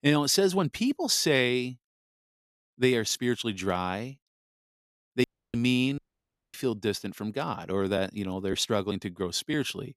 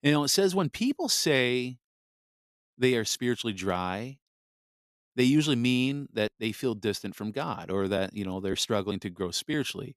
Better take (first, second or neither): second